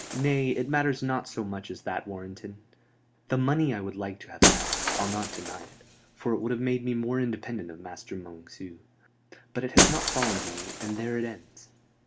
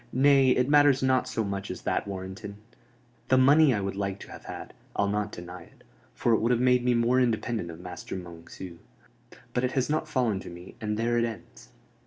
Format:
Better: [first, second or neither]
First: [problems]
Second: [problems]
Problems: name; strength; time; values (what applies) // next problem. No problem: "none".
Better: second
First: background sound (Shatter); 1 dB below the speech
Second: none